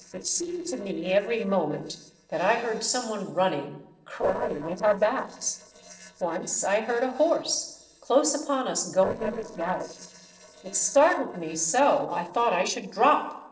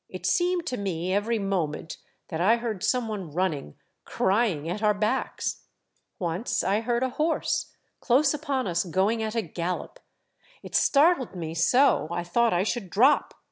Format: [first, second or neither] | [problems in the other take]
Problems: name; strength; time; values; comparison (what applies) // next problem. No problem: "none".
second | noise reduction (neural separator model SepFormer DNS4)